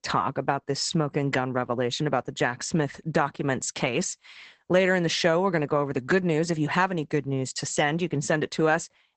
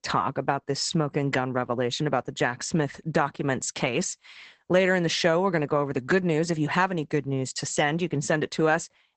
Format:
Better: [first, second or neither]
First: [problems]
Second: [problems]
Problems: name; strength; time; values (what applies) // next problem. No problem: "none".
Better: neither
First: garbled, watery; badly; nothing above 8 kHz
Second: garbled, watery; badly; nothing above 8 kHz